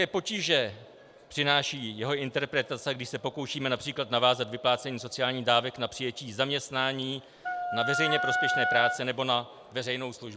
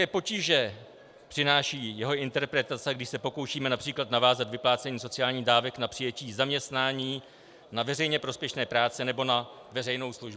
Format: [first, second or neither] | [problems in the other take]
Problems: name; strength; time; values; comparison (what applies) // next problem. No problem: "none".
second | background sound (Wind instrument, woodwind instrument); 1 dB above the speech